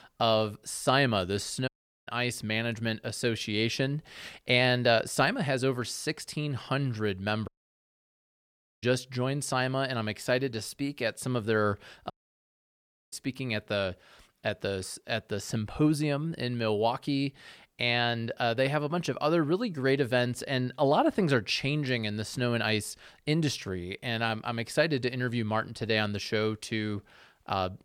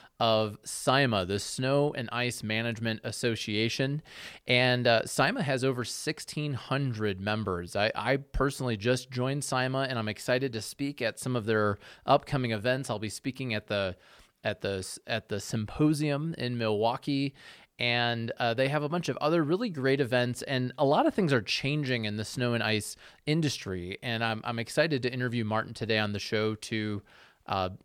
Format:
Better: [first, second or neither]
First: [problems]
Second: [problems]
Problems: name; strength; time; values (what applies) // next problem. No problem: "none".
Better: second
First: audio cutting out; at 1.5 s, at 7.5 s for 1.5 s and at 12 s for 1 s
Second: none